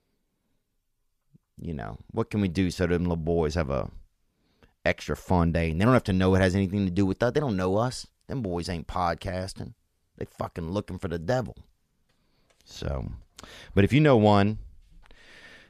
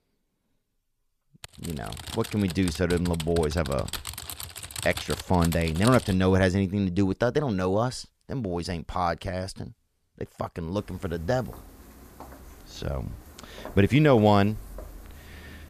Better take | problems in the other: first | keyboard typing; noticeable; from 1.5 to 6 s; peak 8 dB below the speech // footsteps; faint; from 11 s on; peak 15 dB below the speech

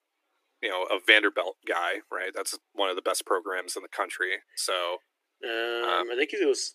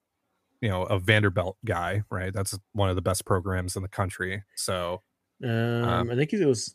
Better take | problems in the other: second | thin; very; fading below 300 Hz

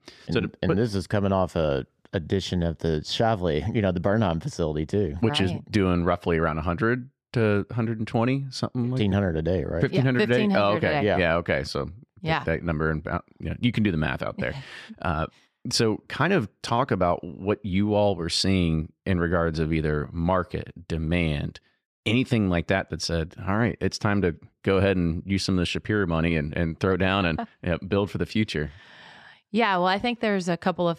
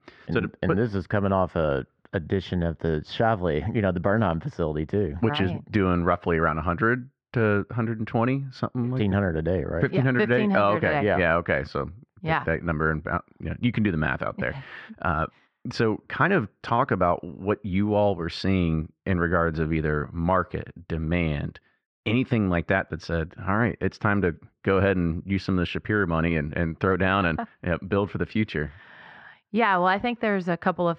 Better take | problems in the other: first | muffled; slightly; fading above 2.5 kHz

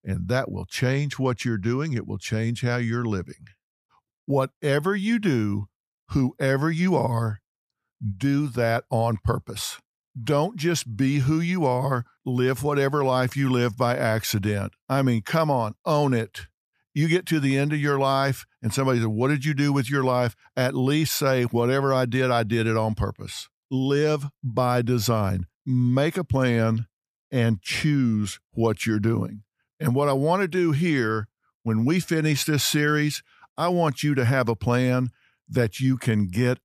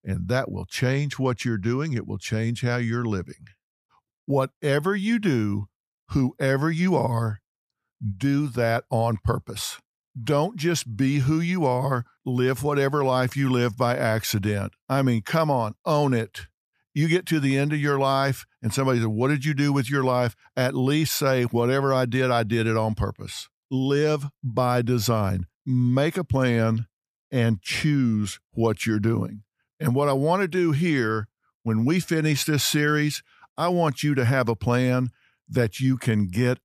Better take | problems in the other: neither | none

